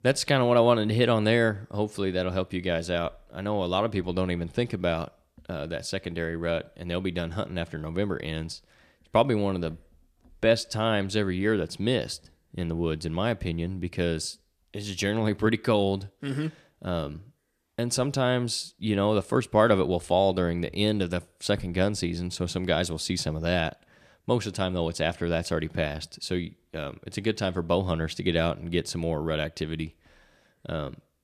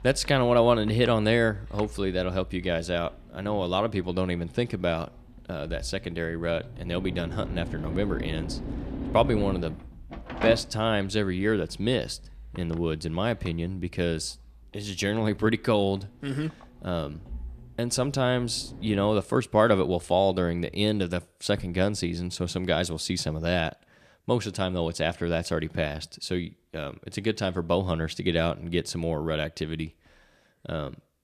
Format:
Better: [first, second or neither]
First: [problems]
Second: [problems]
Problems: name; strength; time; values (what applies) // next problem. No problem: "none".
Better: first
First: none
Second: machinery noise; noticeable; until 19 s; 10 dB below the speech